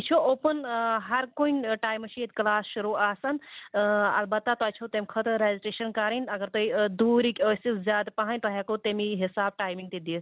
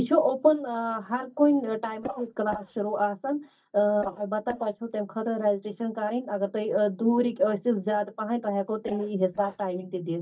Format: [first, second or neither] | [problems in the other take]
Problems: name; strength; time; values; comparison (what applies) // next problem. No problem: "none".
first | noise reduction (neural mask model DeepFilterNet 3)